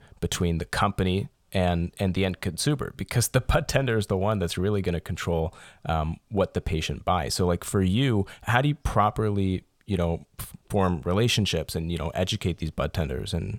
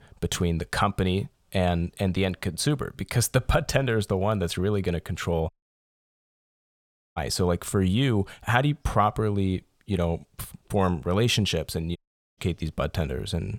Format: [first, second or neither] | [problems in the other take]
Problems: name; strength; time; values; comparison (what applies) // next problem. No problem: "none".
first | audio cutting out; at 5.5 s for 1.5 s and at 12 s